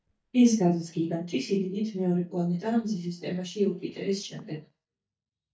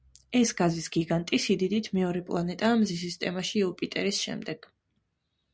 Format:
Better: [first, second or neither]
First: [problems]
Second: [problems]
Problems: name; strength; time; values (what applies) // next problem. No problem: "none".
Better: second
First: noise reduction (neural mask model DeepFilterNet 3)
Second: none